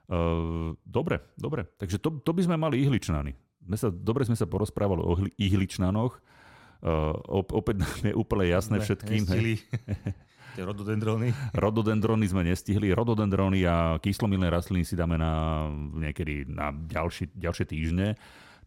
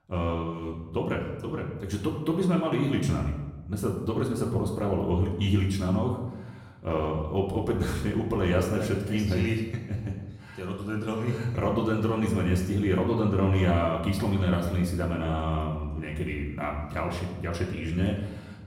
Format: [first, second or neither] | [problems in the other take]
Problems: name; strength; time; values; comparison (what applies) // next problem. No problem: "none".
first | room echo; noticeable; dies away in 0.8 s // off-mic speech; far